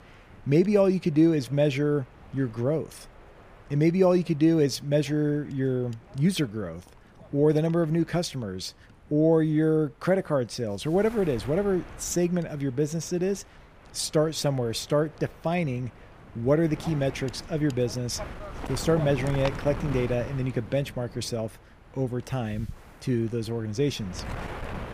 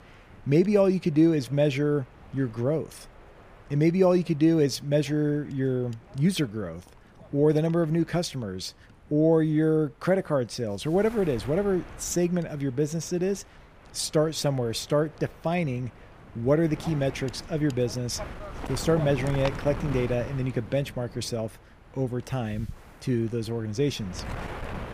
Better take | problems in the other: neither | wind noise on the microphone; occasional gusts; 15 dB below the speech; the same in both

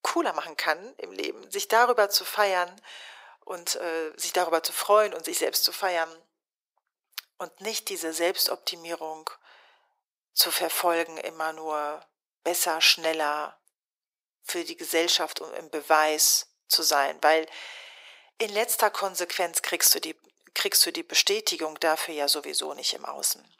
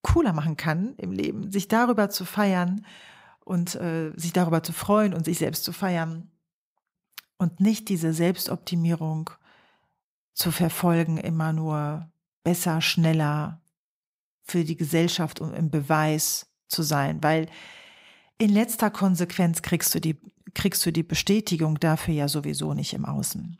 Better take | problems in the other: second | thin; very; fading below 400 Hz

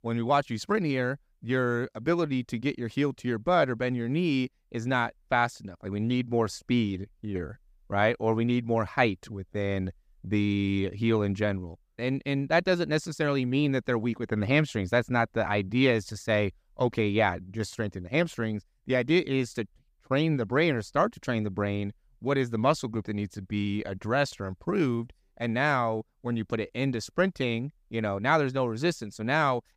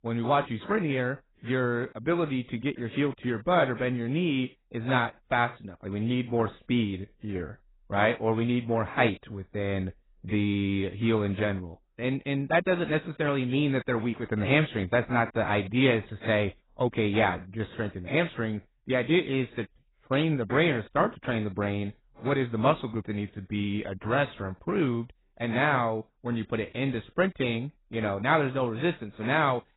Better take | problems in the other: first | garbled, watery; badly; nothing above 4 kHz

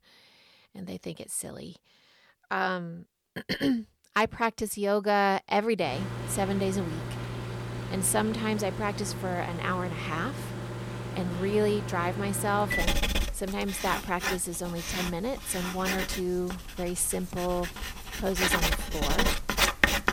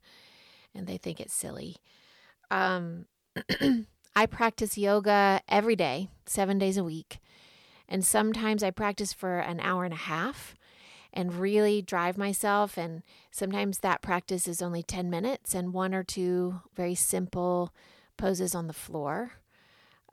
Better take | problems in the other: second | household noises; loud; from 6 s on; 2 dB below the speech

